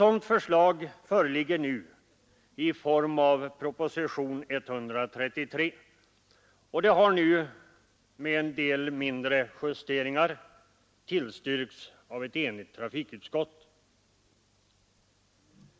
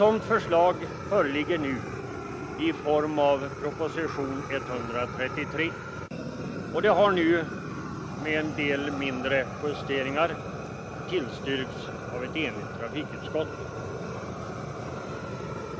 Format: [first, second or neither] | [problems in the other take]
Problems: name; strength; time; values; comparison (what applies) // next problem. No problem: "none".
first | background sound (Fire); 7 dB below the speech